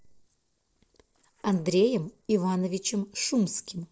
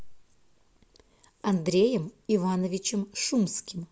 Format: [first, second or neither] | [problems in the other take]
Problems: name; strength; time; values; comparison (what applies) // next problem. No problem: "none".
second | noise reduction (neural separator model SepFormer DNS4)